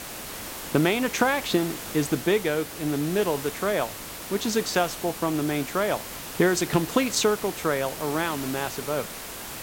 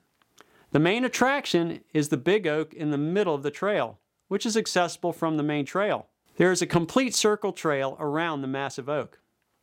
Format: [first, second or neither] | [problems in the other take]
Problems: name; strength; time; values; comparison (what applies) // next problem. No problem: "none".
second | hiss; loud; throughout; 9 dB below the speech